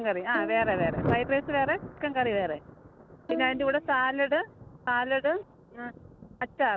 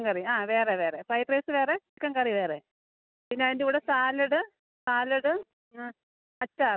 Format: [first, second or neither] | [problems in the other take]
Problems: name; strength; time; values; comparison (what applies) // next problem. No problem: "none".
second | background sound (Thunder + Bowed string instrument); 9 dB below the speech